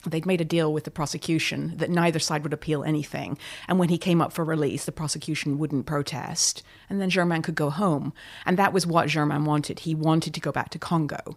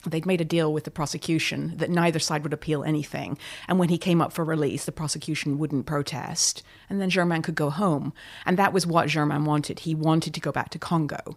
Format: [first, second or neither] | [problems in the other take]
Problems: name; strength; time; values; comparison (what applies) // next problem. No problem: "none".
neither | none